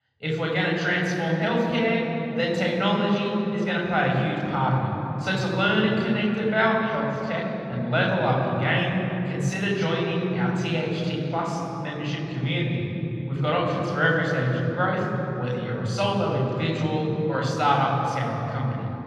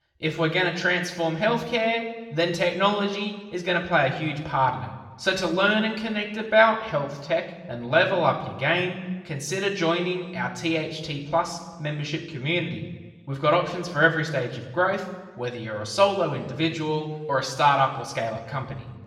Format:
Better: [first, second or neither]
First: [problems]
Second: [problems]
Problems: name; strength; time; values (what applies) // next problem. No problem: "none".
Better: second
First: room echo; strong; dies away in 3 s // off-mic speech; far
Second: room echo; slight; dies away in 1 s // off-mic speech; somewhat distant